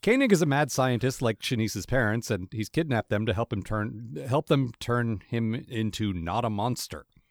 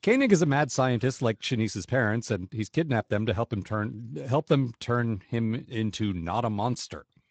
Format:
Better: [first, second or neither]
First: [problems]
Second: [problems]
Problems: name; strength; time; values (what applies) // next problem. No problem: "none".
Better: first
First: none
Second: garbled, watery; slightly; nothing above 7.5 kHz